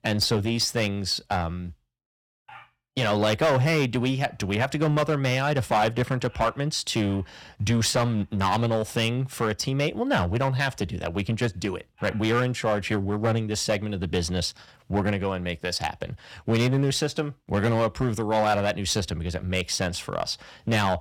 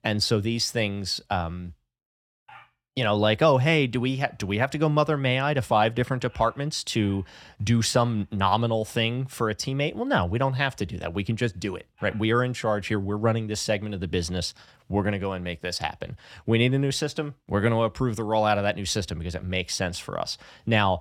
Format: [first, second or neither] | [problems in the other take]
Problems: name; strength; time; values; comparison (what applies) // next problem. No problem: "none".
second | distortion; slight; 7% of the sound clipped